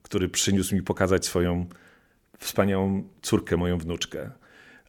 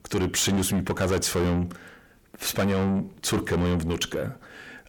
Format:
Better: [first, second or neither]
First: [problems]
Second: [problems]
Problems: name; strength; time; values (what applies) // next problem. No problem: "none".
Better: first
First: none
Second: distortion; heavy; 6 dB below the speech